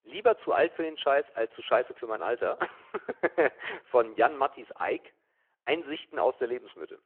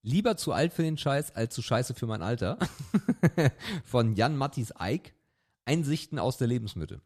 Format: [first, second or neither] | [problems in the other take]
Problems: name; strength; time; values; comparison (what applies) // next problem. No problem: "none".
second | phone-call audio